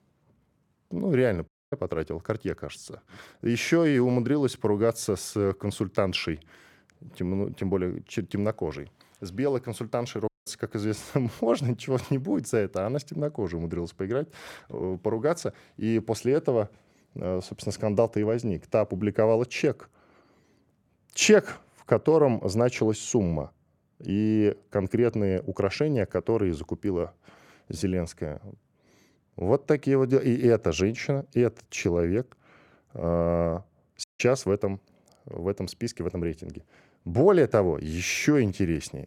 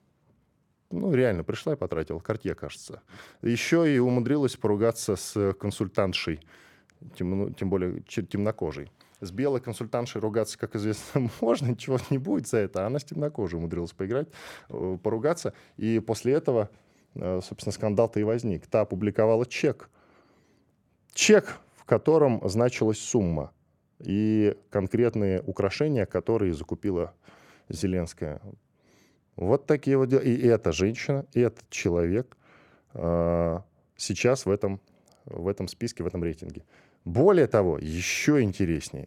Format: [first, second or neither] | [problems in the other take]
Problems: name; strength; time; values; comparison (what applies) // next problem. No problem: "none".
second | audio cutting out; at 1.5 s, at 10 s and at 34 s